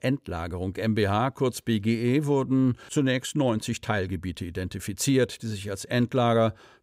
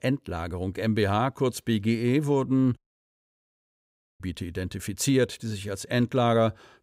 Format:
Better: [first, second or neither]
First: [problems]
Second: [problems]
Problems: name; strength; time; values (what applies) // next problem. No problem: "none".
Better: first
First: none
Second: audio cutting out; at 3 s for 1.5 s